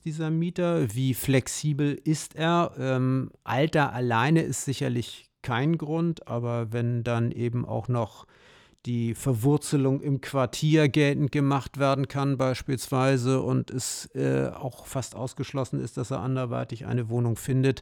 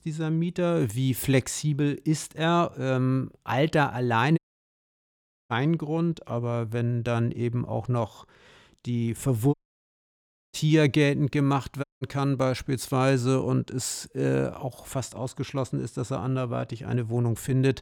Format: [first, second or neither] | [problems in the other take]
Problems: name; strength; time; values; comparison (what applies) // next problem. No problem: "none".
first | audio cutting out; at 4.5 s for 1 s, at 9.5 s for 1 s and at 12 s